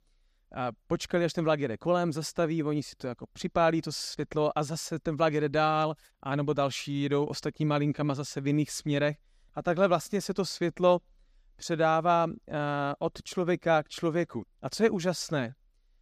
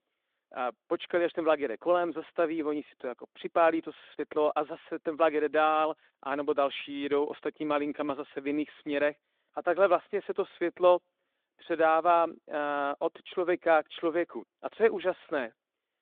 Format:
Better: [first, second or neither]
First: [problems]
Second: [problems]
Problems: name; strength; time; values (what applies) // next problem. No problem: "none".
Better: first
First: none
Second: phone-call audio